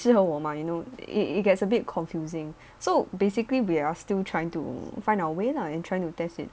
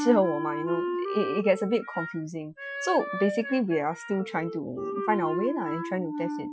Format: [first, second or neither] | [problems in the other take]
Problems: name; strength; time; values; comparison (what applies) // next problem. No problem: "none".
first | noise reduction (classical method Wiener filter)